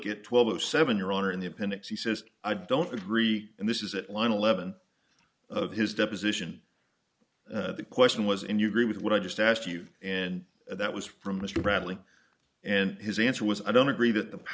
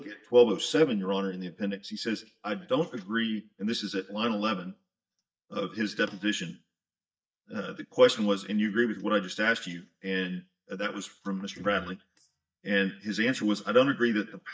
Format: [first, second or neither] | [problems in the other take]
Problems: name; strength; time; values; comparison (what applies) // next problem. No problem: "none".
first | noise reduction (neural mask model DeepFilterNet 3)